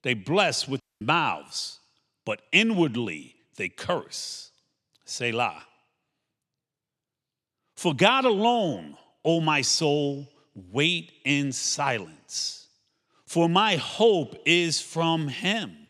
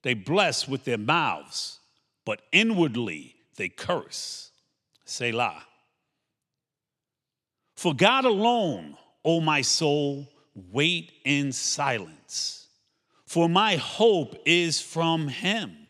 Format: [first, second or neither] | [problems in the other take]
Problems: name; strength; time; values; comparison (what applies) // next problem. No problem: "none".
second | audio cutting out; at 1 s